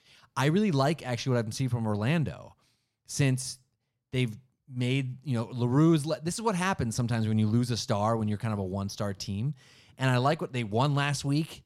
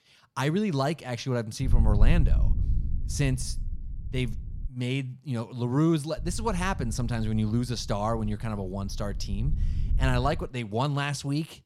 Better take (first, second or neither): first